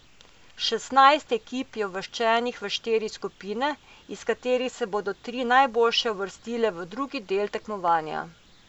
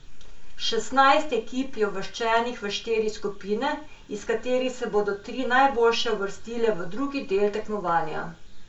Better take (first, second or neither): first